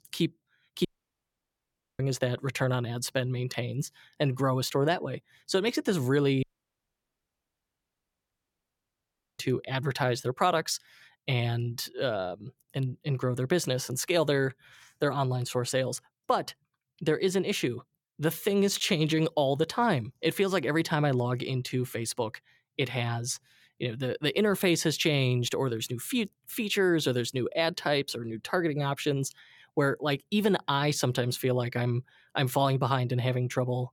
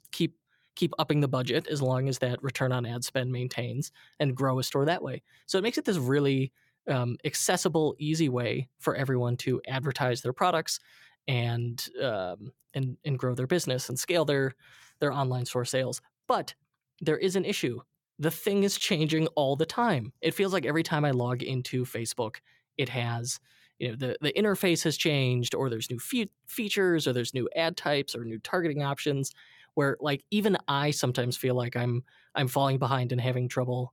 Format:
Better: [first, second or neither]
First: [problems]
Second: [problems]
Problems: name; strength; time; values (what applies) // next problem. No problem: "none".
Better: second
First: audio cutting out; at 1 s for 1 s and at 6.5 s for 3 s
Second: none